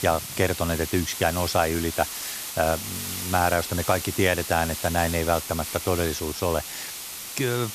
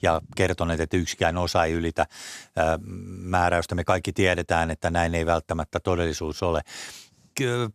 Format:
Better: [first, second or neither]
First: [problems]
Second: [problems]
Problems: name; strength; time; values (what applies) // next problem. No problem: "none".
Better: second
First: hiss; loud; throughout; 6 dB below the speech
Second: none